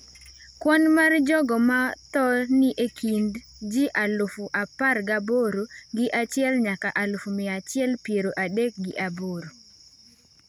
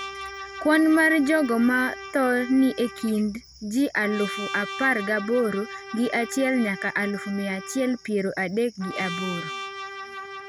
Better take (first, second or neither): first